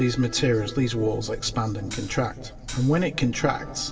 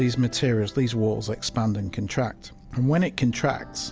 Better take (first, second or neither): second